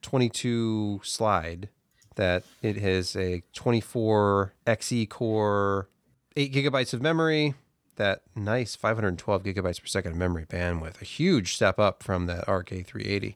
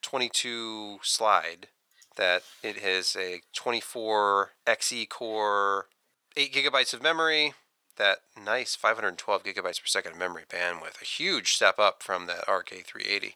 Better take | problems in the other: first | thin; very; fading below 750 Hz

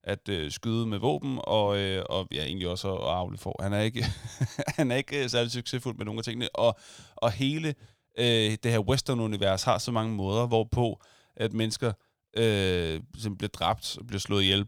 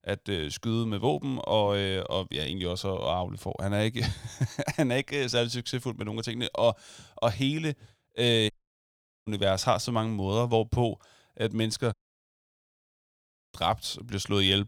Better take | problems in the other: first | audio cutting out; at 8.5 s for 1 s and at 12 s for 1.5 s

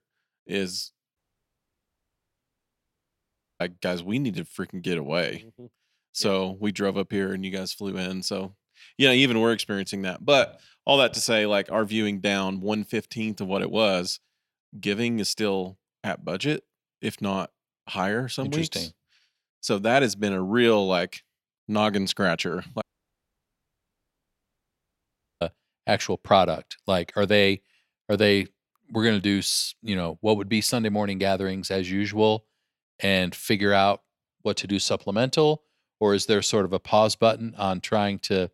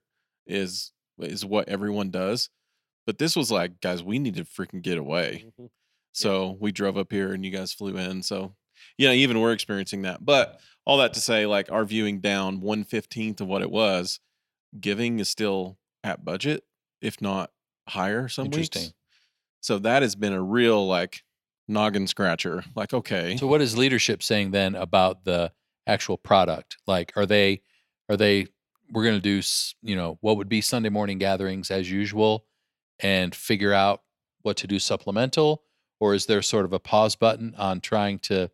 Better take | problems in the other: second | audio cutting out; at 1 s for 2.5 s and at 23 s for 2.5 s

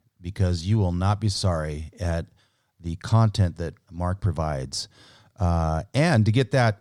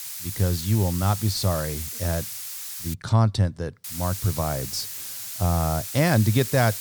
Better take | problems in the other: first | hiss; loud; until 3 s and from 4 s on; 7 dB below the speech

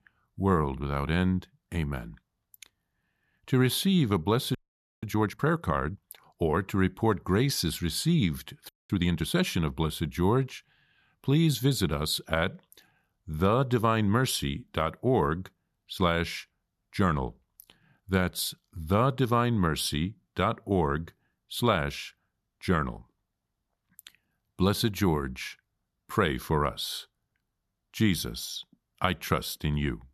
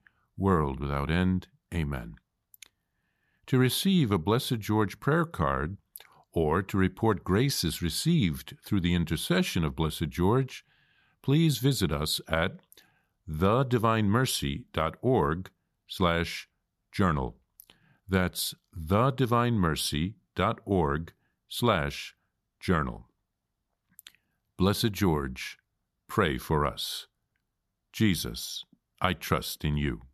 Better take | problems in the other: second | audio freezing; at 4.5 s and at 8.5 s

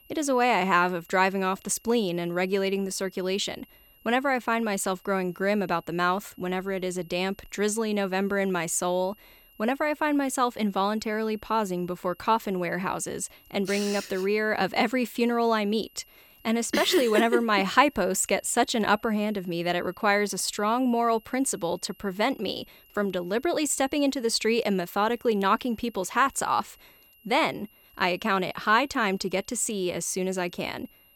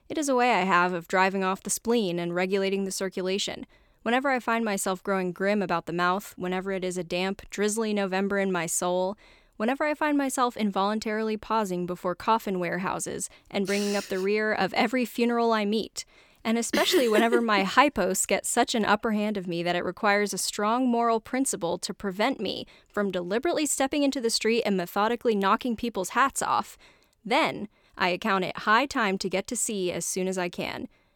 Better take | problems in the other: second | high-pitched whine; faint; throughout; 3 kHz, 30 dB below the speech

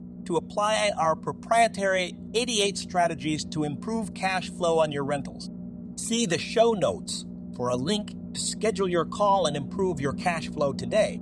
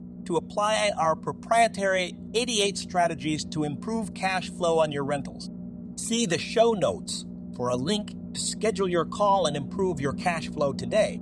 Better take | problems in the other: neither | low rumble; noticeable; throughout; 20 dB below the speech; the same in both

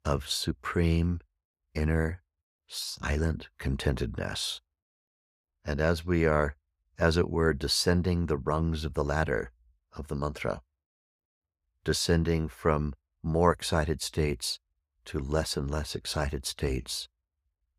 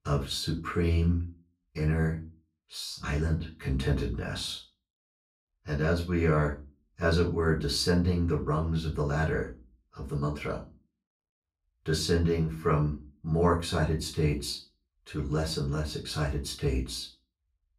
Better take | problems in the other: first | room echo; slight; dies away in 0.3 s // off-mic speech; far

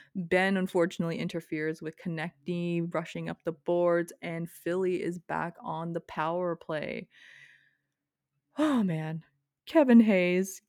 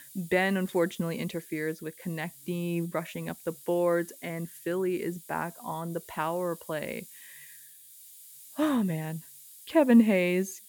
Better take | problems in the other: first | hiss; noticeable; throughout; 20 dB below the speech

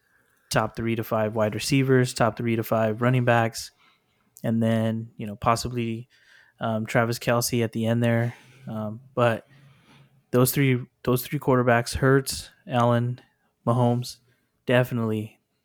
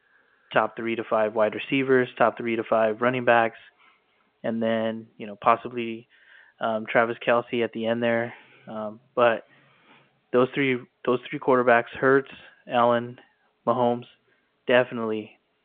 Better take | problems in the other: first | phone-call audio

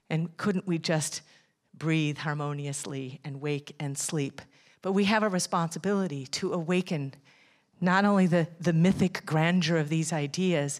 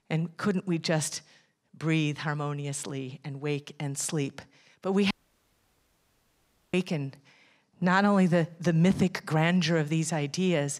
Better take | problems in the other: first | audio cutting out; at 5 s for 1.5 s

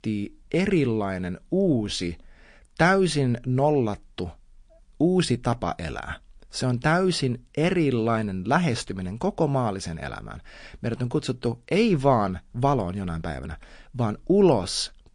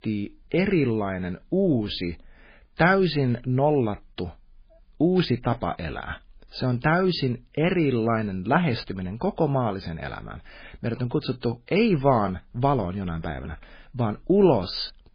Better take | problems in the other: first | garbled, watery; badly; nothing above 4.5 kHz; slightly in the first

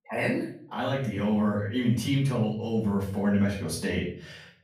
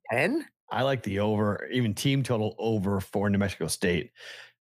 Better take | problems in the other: second | off-mic speech; far // room echo; noticeable; dies away in 0.5 s

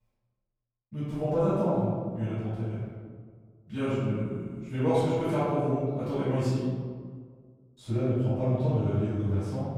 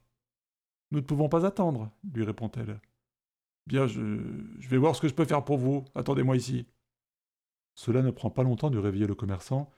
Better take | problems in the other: second | room echo; strong; dies away in 1.6 s // off-mic speech; far

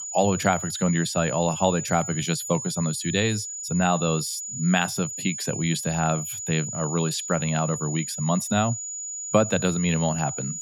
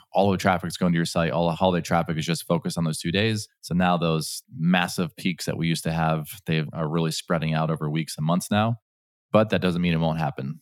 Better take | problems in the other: second | high-pitched whine; loud; throughout; 7 kHz, 6 dB below the speech

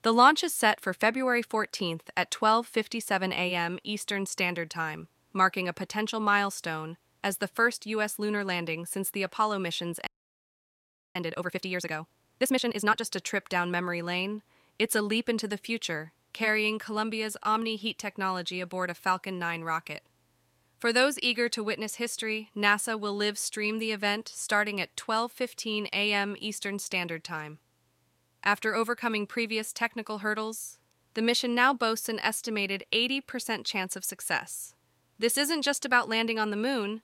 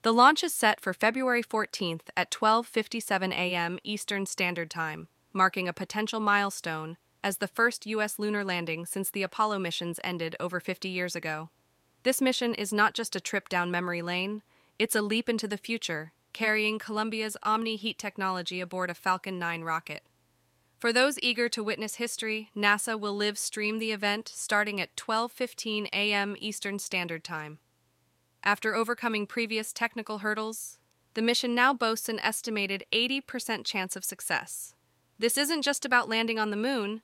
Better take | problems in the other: second | audio freezing; at 10 s for 1 s

